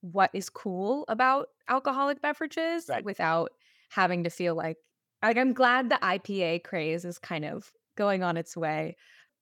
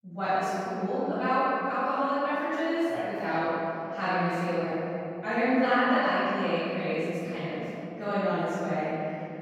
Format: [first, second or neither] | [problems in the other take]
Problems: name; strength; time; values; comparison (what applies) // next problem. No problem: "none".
first | off-mic speech; far // room echo; strong; dies away in 2.8 s